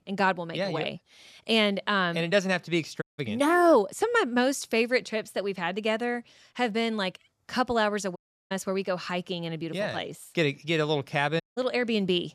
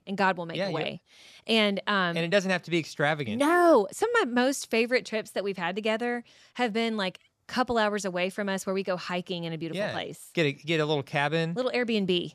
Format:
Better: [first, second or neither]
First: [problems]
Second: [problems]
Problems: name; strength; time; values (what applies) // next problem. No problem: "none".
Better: second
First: audio cutting out; at 3 s, at 8 s and at 11 s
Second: none